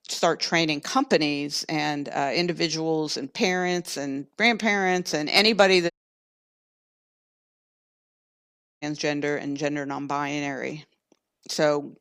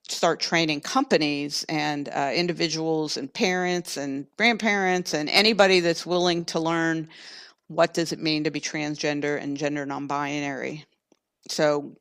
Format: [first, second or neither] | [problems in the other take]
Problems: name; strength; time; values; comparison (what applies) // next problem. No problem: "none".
second | audio cutting out; at 6 s for 3 s